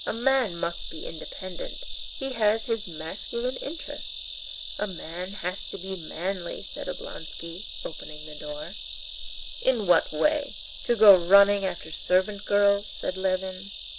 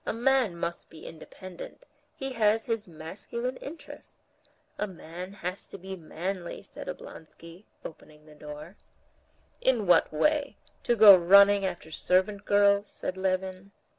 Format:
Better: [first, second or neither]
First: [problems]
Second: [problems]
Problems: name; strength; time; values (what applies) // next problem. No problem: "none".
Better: second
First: background sound (Insect); 10 dB below the speech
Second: none